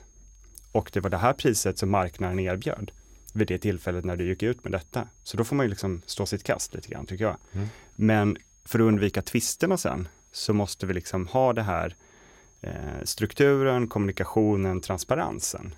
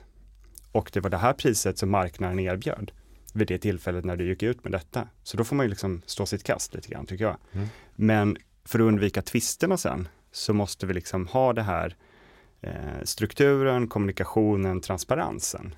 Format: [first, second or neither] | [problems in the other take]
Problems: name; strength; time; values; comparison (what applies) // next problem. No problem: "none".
second | high-pitched whine; faint; throughout; 6.5 kHz, 30 dB below the speech